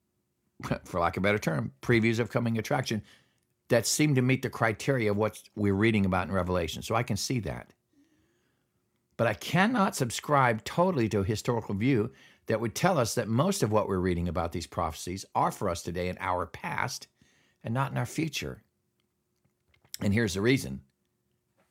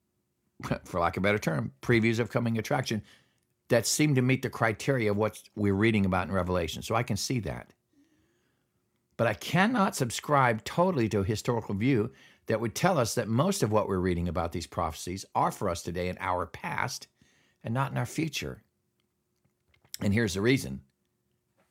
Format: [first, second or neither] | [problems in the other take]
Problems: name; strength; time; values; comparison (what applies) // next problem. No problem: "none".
neither | none